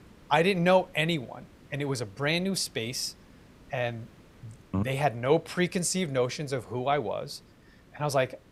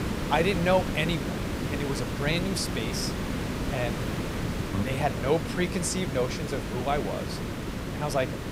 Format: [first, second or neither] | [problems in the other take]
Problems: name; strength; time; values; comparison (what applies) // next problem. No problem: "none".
first | hiss; loud; throughout; 2 dB below the speech; faint in the first